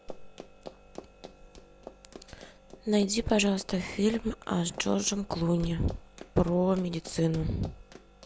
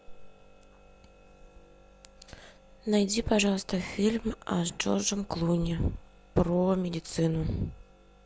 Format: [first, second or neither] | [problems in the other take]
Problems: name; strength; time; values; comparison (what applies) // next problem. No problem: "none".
second | background sound (Run); 19 dB below the speech